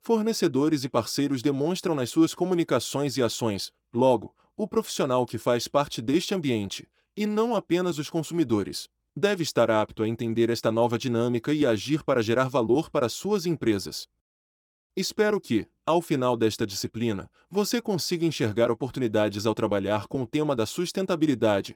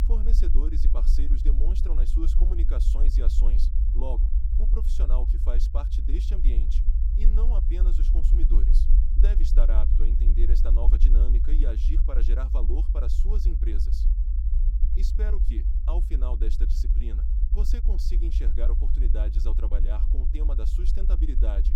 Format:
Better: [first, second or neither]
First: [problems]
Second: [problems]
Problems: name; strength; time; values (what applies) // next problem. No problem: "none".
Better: first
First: none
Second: low rumble; loud; throughout; 5 dB below the speech